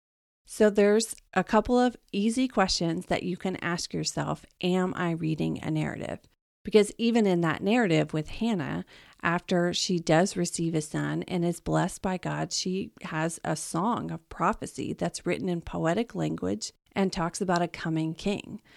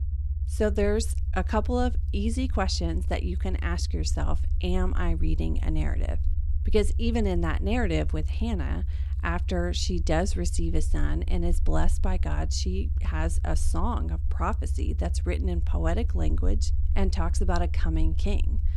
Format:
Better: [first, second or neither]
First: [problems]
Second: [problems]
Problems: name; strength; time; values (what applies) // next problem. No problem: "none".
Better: first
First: none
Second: low rumble; noticeable; throughout; 15 dB below the speech